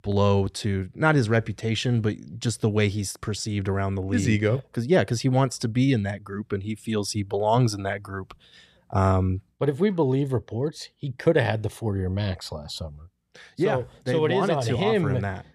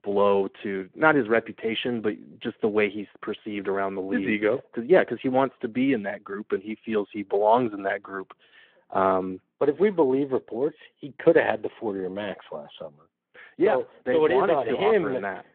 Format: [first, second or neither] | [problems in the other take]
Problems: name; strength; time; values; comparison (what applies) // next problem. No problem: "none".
first | phone-call audio